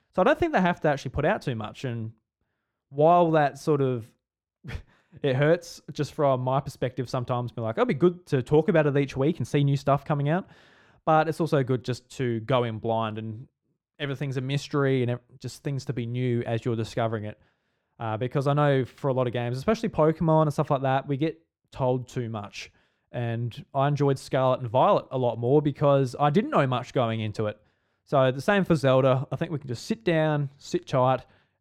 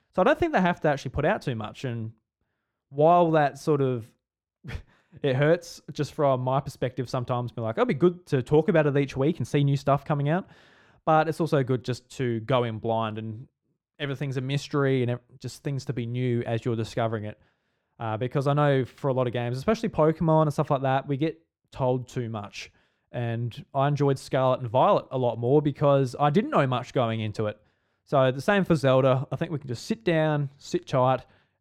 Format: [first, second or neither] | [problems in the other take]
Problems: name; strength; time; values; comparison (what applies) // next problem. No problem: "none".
neither | muffled; slightly; fading above 2 kHz; the same in both